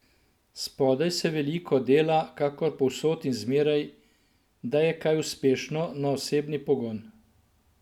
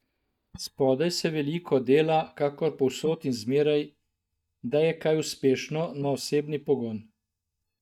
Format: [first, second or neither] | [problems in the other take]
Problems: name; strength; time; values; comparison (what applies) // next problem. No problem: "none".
first | noise reduction (neural mask model DeepFilterNet 3)